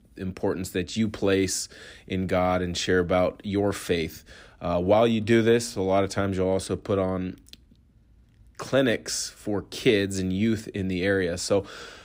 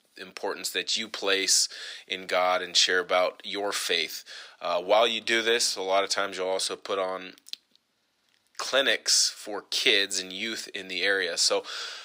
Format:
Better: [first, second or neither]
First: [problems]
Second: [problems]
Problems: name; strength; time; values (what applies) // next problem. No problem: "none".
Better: first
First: none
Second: thin; very; fading below 700 Hz